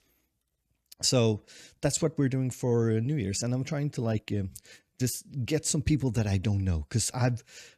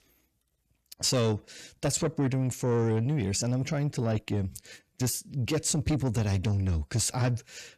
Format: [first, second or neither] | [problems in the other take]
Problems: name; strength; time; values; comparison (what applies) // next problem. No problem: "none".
first | distortion; slight; 10 dB below the speech